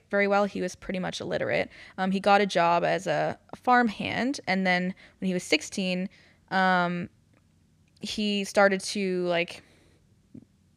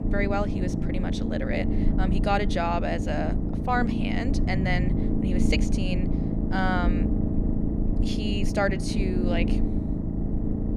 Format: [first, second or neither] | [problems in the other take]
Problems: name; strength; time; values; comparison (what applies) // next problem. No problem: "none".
first | low rumble; loud; throughout; 5 dB below the speech